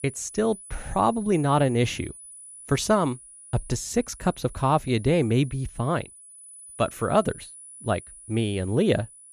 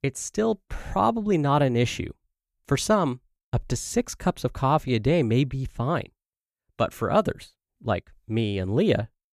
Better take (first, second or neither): second